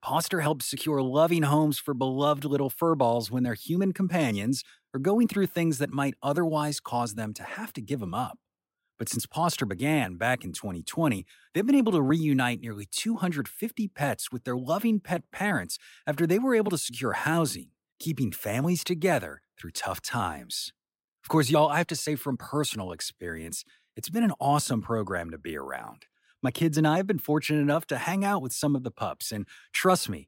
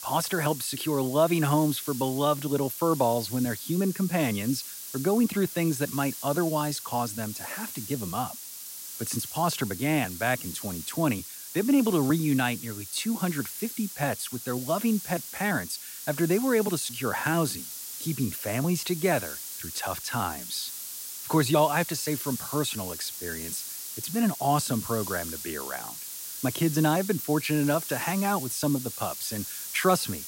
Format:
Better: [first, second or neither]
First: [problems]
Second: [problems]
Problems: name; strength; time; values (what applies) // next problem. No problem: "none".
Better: first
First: none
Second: hiss; loud; throughout; 8 dB below the speech